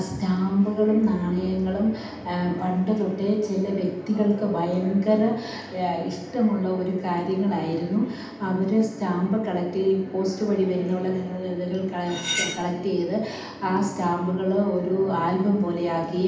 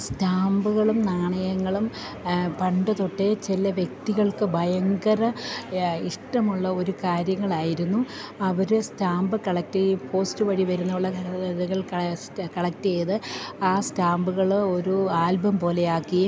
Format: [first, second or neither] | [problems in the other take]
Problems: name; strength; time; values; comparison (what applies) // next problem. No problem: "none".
second | background sound (Cutlery, silverware); 6 dB below the speech // room echo; dies away in 0.8 s